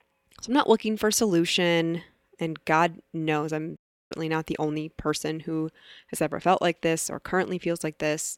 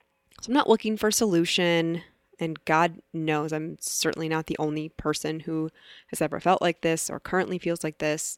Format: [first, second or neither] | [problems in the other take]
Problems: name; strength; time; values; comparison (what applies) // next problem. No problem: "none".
second | audio cutting out; at 4 s